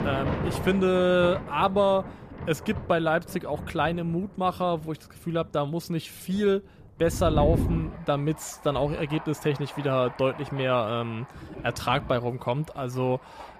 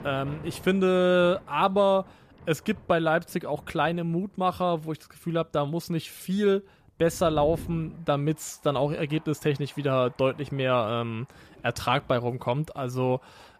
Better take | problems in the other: second | rain or running water; loud; throughout; 8 dB below the speech; faint in the second

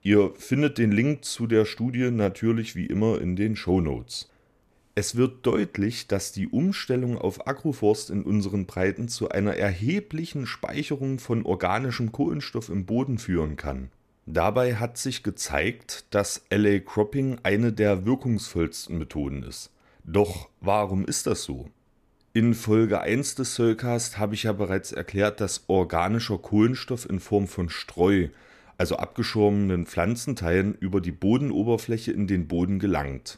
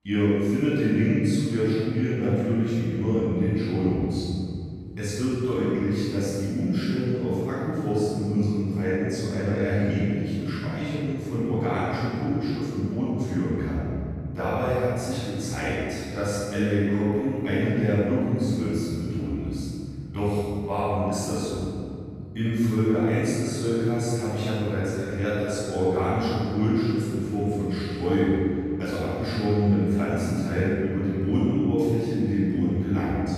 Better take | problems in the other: first | off-mic speech; far // room echo; strong; dies away in 3 s

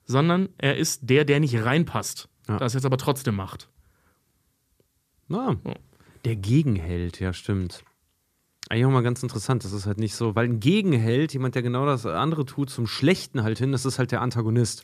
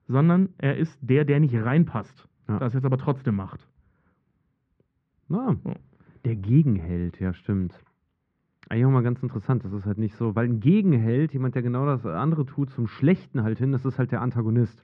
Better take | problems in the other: first | muffled; very; fading above 2 kHz

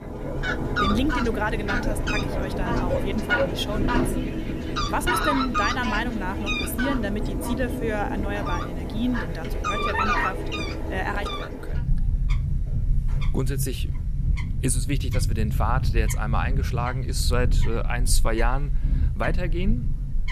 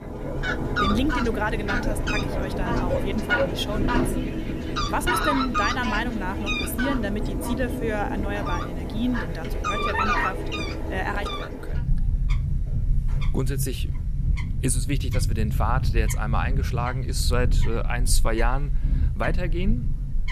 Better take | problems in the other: neither | animal sounds; very loud; throughout; 3 dB above the speech; the same in both

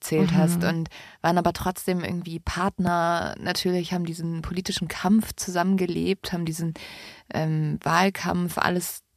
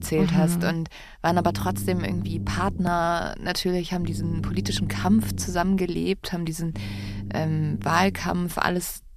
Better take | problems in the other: first | low rumble; noticeable; throughout; 15 dB below the speech

